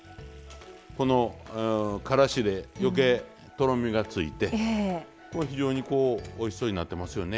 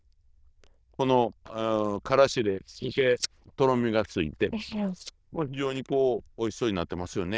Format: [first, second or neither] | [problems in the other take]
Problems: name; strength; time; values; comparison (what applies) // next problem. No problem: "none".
first | noise reduction (neural diffusion model UNIVERSE++)